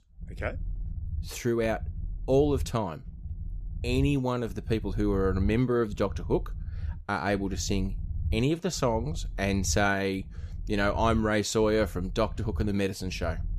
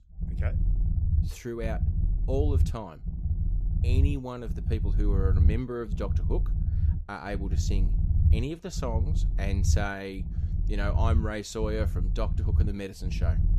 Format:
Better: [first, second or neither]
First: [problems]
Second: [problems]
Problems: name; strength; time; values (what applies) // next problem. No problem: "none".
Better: first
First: low rumble; faint; throughout; 25 dB below the speech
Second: low rumble; loud; throughout; 9 dB below the speech